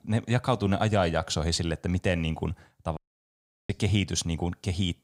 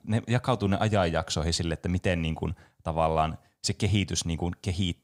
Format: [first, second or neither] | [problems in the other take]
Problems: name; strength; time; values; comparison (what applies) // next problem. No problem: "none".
second | audio cutting out; at 3 s for 0.5 s